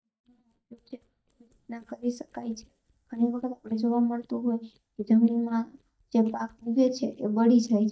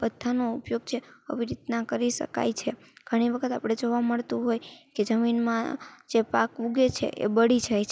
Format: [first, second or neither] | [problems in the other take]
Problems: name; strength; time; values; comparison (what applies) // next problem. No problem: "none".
second | noise reduction (neural mask model DeepFilterNet 3)